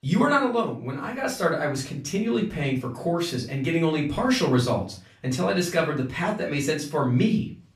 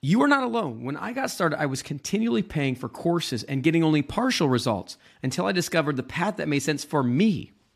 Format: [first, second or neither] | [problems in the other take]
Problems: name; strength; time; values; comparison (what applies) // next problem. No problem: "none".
second | off-mic speech; far // room echo; slight; dies away in 0.3 s